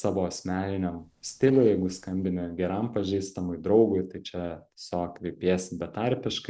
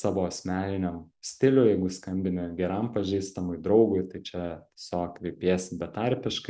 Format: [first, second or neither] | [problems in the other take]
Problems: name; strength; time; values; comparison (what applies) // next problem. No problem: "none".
second | noise reduction (neural separator model SepFormer DNS4)